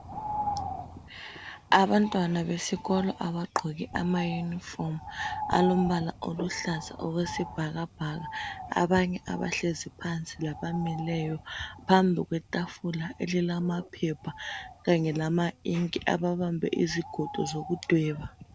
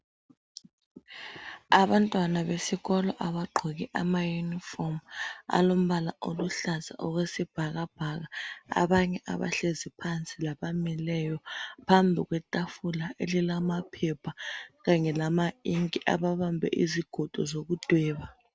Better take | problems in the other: second | background sound (Bird); 12 dB below the speech

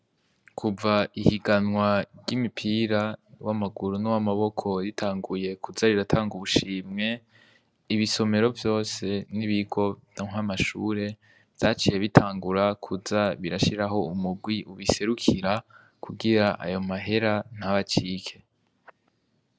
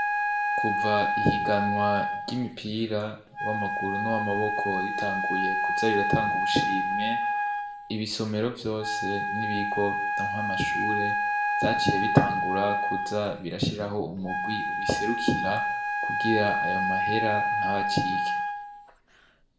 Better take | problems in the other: first | background sound (Wind instrument, woodwind instrument); 2 dB above the speech // room echo; dies away in 0.5 s

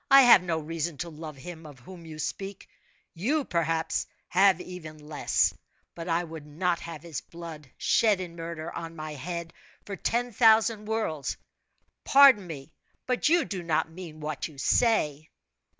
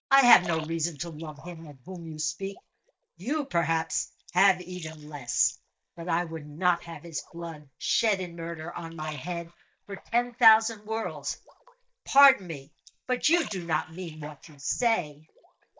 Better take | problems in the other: first | noise reduction (neural mask model DeepFilterNet 3)

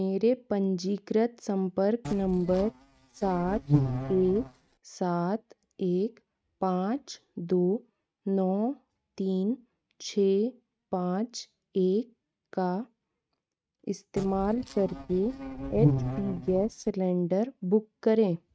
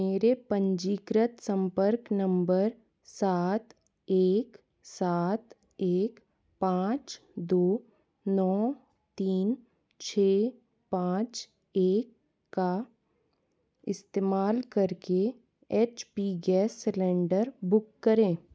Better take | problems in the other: second | noise reduction (neural mask model RNNoise)

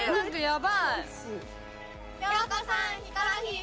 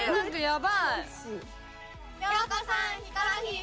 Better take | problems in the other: second | background sound (Wind instrument, woodwind instrument); 19 dB below the speech

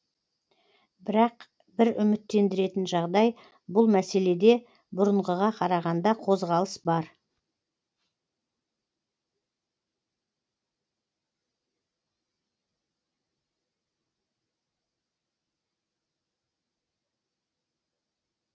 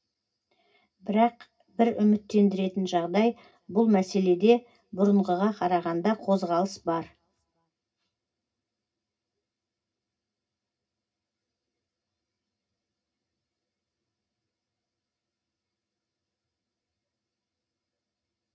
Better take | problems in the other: first | room echo; dies away in 0.4 s

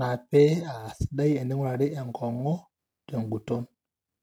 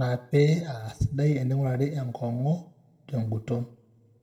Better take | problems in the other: first | room echo; dies away in 0.7 s

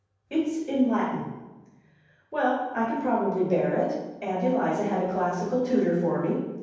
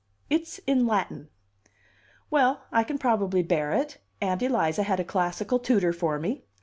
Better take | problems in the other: second | room echo; dies away in 1.1 s

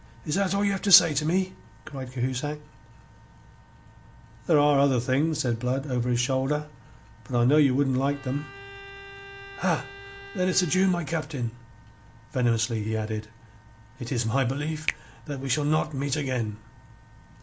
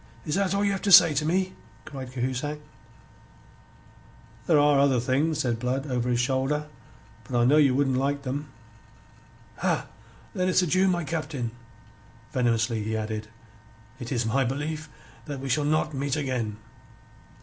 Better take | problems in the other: second | background sound (Bowed string instrument + Finger snapping); 15 dB below the speech

